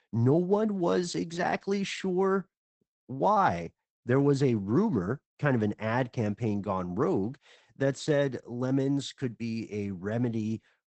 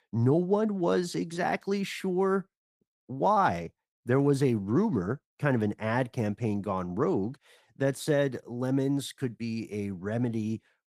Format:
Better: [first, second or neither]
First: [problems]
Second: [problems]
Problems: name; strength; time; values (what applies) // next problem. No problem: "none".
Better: second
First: garbled, watery; badly; nothing above 8 kHz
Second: garbled, watery; slightly; nothing above 14.5 kHz